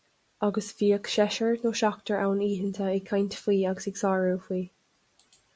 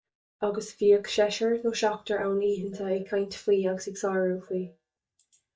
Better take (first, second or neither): first